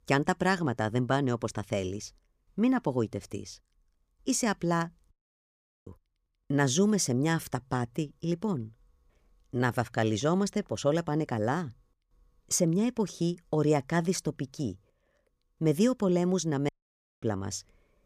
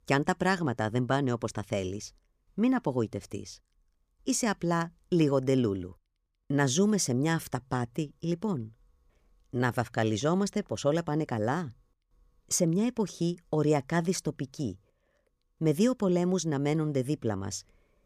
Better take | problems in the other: second | audio cutting out; at 5 s for 1 s and at 17 s for 0.5 s

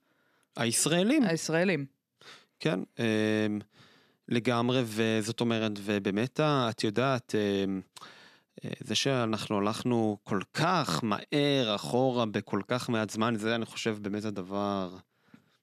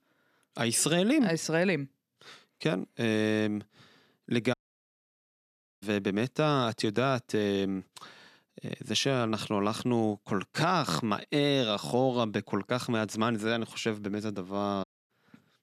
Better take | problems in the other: first | audio cutting out; at 4.5 s for 1.5 s and at 15 s

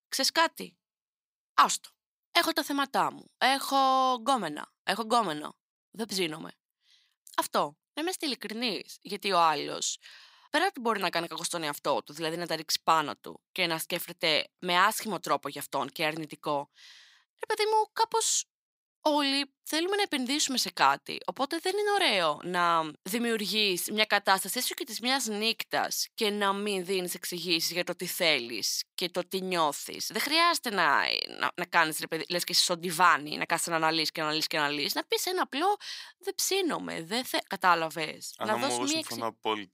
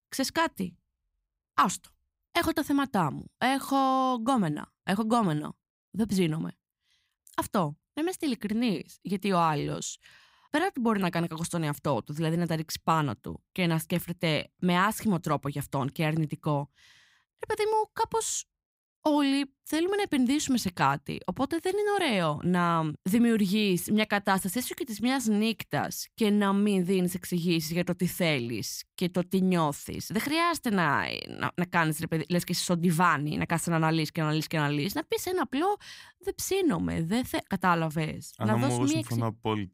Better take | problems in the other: second | thin; somewhat; fading below 450 Hz

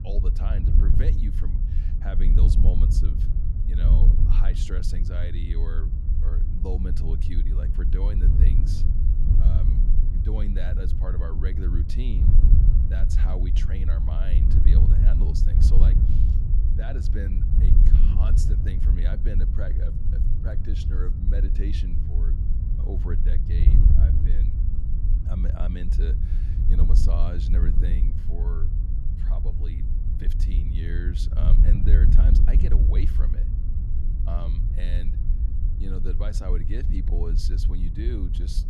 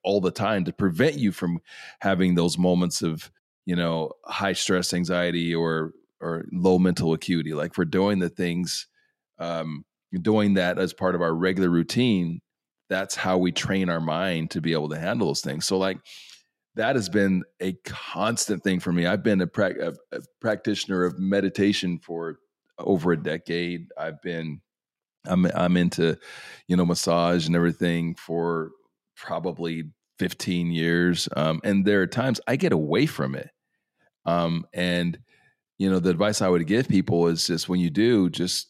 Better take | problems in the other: second | wind noise on the microphone; heavy; as loud as the speech

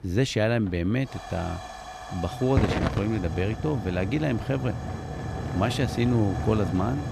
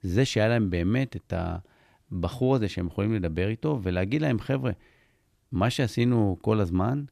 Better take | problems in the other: second | hiss; loud; throughout; 6 dB below the speech

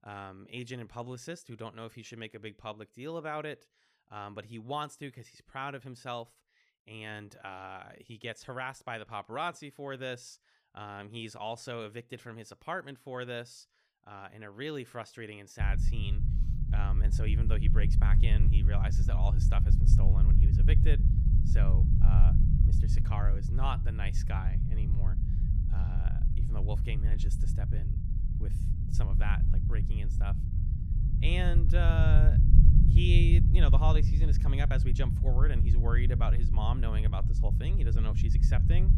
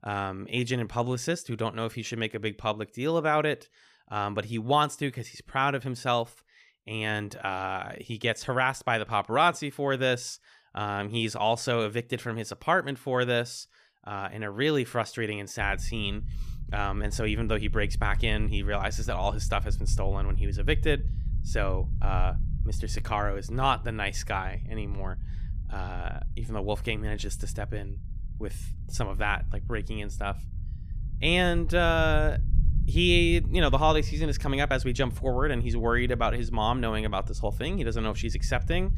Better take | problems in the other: second | low rumble; loud; from 16 s on; 4 dB below the speech; faint in the second

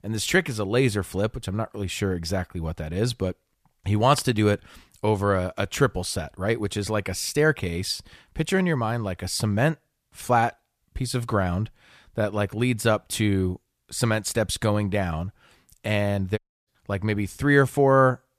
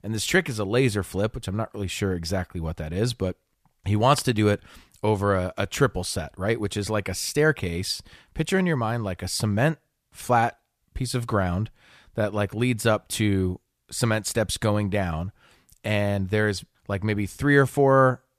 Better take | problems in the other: second | audio cutting out; at 16 s

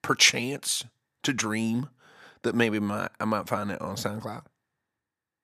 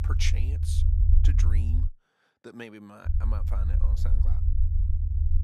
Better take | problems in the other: first | low rumble; loud; until 2 s and from 3 s on; 3 dB below the speech

